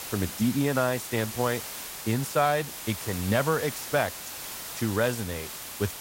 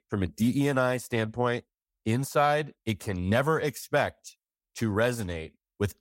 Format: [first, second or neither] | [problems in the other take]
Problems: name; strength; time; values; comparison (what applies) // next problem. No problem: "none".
second | hiss; loud; throughout; 8 dB below the speech